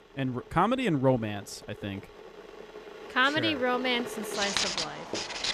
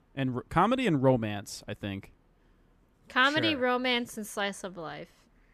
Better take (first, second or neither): second